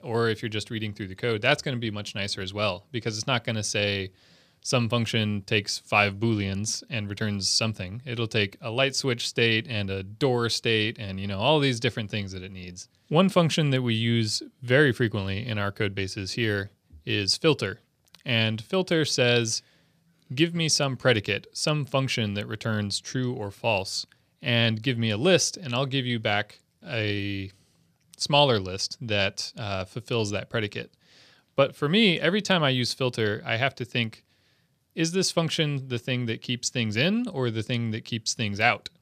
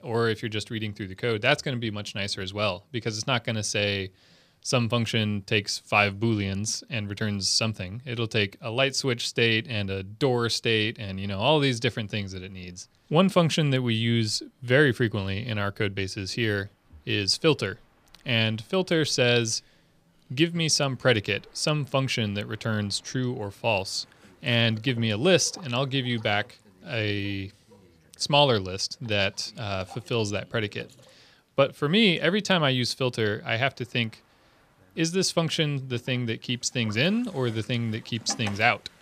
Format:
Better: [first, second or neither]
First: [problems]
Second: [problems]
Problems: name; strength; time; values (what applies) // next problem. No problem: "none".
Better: first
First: none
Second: train or aircraft noise; faint; throughout; 25 dB below the speech